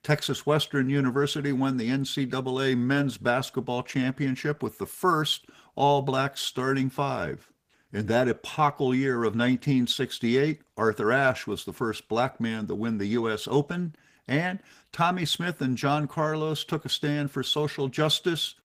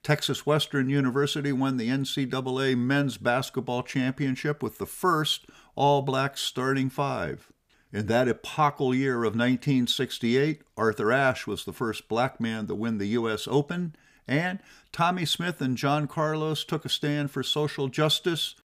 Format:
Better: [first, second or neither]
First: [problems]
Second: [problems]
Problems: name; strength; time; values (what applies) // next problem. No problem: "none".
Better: second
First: garbled, watery; slightly; nothing above 15 kHz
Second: none